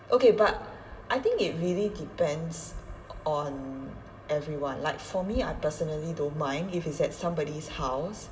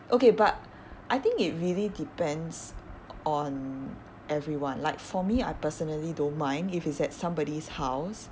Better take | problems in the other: second | room echo; dies away in 2.5 s

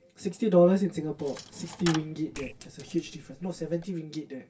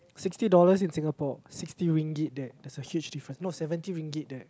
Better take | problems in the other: second | background sound (Coin (dropping)); 15 dB below the speech // room echo; dies away in 0.2 s

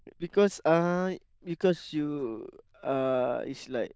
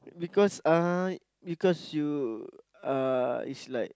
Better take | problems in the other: second | noise reduction (neural diffusion model UNIVERSE++)

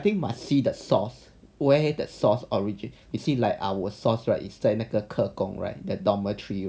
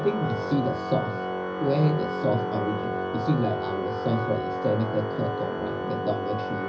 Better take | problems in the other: first | background sound (Organ); 2 dB below the speech // room echo; dies away in 0.4 s

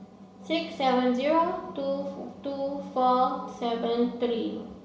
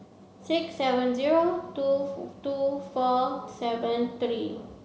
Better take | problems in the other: second | room echo; dies away in 0.7 s

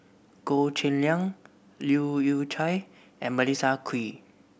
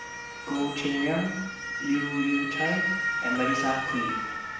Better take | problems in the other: first | background sound (Motor vehicle (road) / Siren); 2 dB below the speech // room echo; dies away in 0.6 s

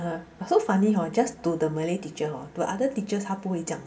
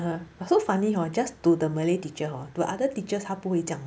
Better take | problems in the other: second | room echo; dies away in 1.1 s

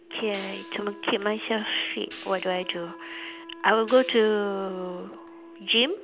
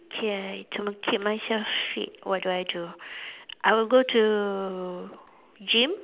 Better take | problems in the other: second | background sound (Wind instrument, woodwind instrument + Hi-hat); 17 dB below the speech

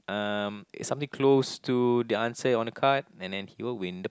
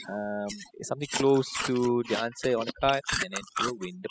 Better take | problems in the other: first | noise reduction (classical method spectral subtraction)

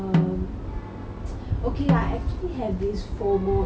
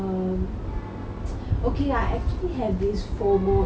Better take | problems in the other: second | background sound (Snare drum); 3 dB below the speech

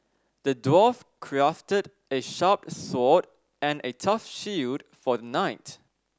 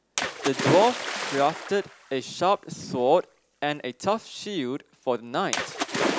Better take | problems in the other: first | background sound (Splash, splatter); 6 dB below the speech

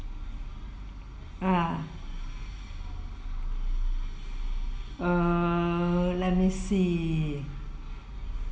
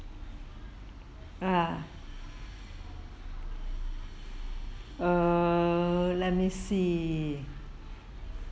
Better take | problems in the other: second | room echo; dies away in 0.8 s

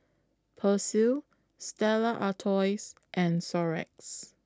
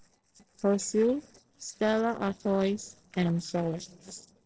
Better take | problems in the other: first | noise reduction (neural separator model SepFormer DNS4)

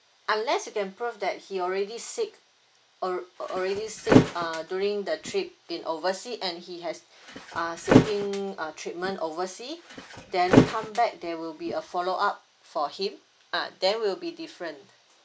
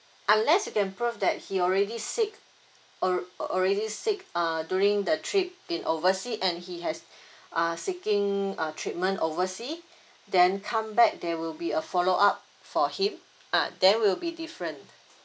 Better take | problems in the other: second | background sound (Thump, thud); 4 dB above the speech

